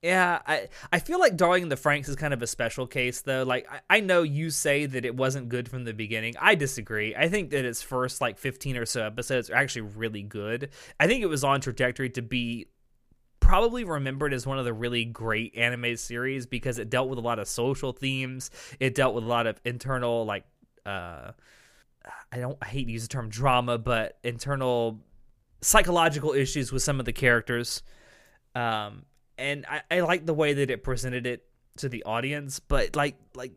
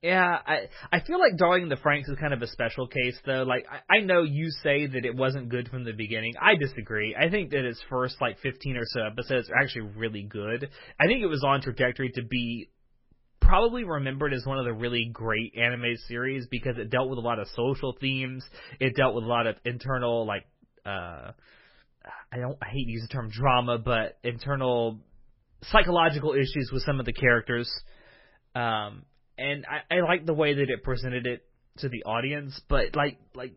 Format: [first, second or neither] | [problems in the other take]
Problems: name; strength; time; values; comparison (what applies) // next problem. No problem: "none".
first | garbled, watery; badly; nothing above 5.5 kHz